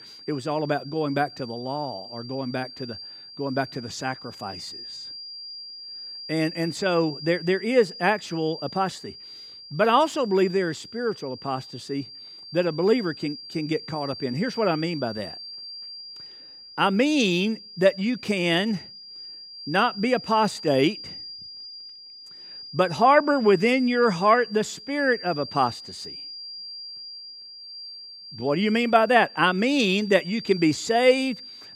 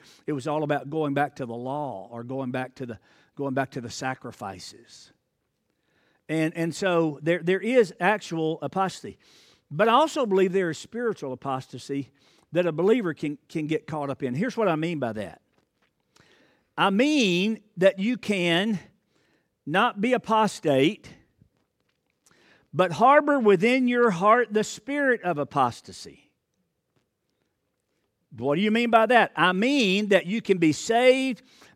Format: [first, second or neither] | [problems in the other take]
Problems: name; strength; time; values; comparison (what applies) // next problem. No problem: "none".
second | high-pitched whine; noticeable; throughout; 4.5 kHz, 15 dB below the speech